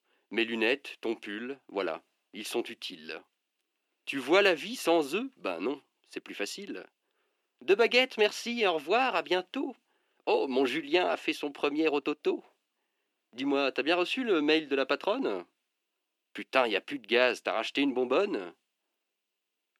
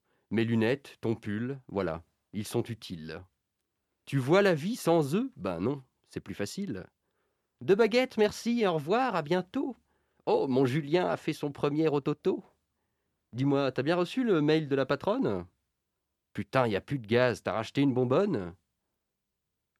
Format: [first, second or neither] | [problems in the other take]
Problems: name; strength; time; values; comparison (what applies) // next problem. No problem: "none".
second | thin; very slightly; fading below 300 Hz